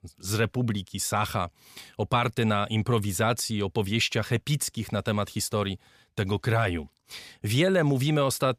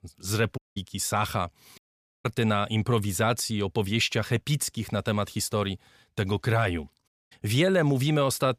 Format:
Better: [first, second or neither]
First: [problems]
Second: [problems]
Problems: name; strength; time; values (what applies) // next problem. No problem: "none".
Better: first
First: none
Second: audio cutting out; at 0.5 s, at 2 s and at 7 s